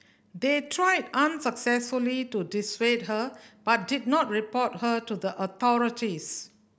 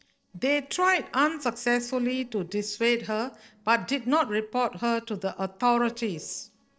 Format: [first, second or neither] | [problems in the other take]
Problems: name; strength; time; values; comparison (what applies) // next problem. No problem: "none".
first | noise reduction (neural separator model SepFormer DNS4)